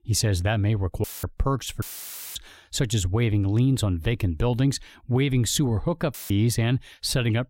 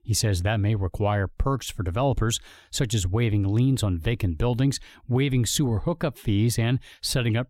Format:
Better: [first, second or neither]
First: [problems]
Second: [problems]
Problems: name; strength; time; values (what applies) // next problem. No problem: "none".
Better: second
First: audio cutting out; filled with static; at 1 s, at 2 s for 0.5 s and at 6 s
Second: none